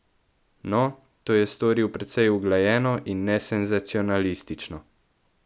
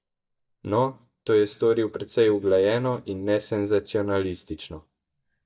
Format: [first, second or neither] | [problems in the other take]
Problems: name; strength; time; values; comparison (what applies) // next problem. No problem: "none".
first | noise reduction (neural mask model DeepFilterNet 3)